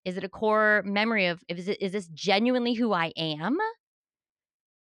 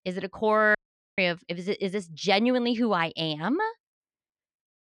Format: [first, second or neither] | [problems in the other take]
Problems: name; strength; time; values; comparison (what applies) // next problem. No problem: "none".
first | audio cutting out; at 1 s